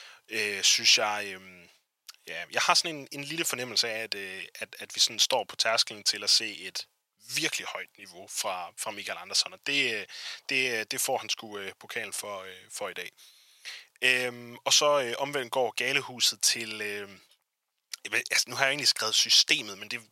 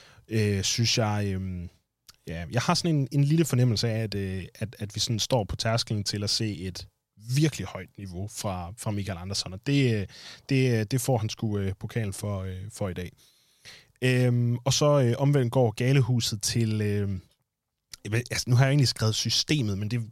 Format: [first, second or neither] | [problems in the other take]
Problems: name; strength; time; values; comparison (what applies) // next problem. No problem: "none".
second | thin; very; fading below 750 Hz